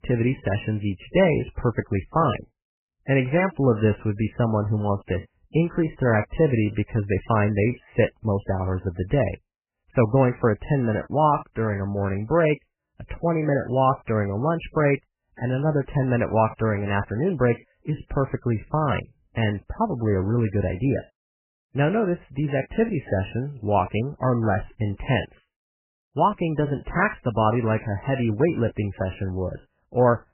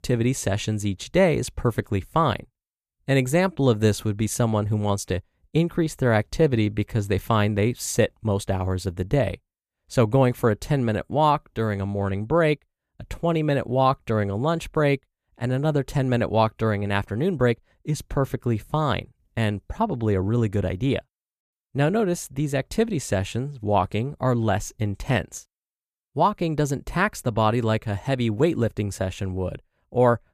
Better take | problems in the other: second | garbled, watery; badly; nothing above 3 kHz

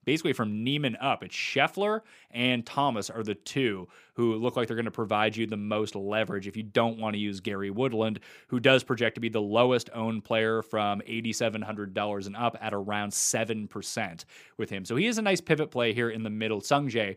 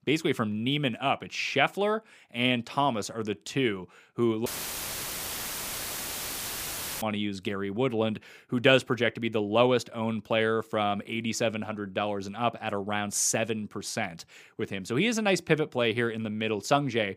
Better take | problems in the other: first | audio cutting out; filled with static; at 4.5 s for 2.5 s

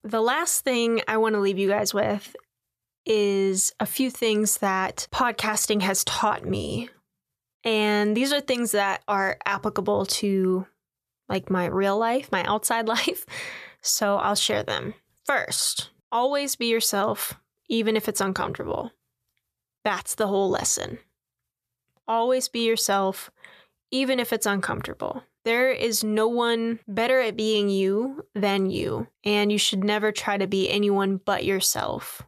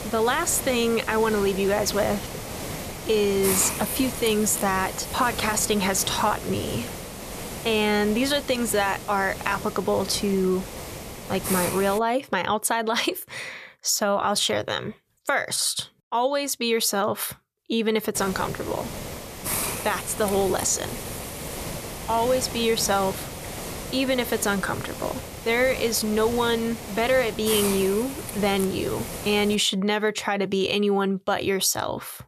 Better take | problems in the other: first | hiss; loud; until 12 s and from 18 to 30 s; 8 dB below the speech

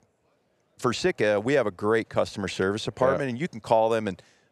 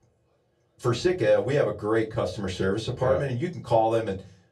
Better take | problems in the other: first | off-mic speech; far // room echo; very slight; dies away in 0.3 s

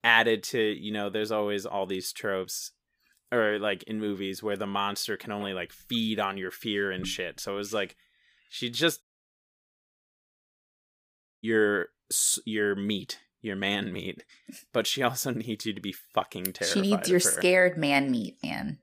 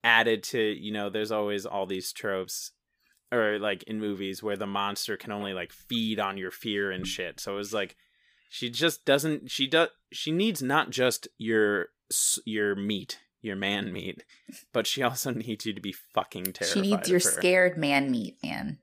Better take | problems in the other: second | audio cutting out; at 9 s for 2.5 s

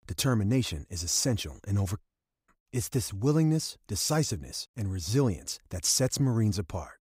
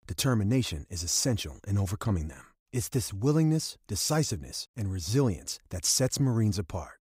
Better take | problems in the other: second | audio cutting out; at 2 s

